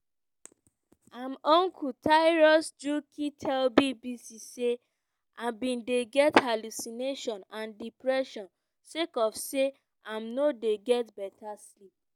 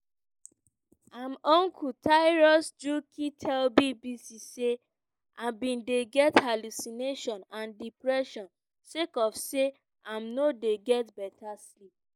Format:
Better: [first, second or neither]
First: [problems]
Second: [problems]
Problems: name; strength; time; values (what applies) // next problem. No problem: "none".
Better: first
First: none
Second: noise reduction (neural mask model Resemble Enhance denoiser)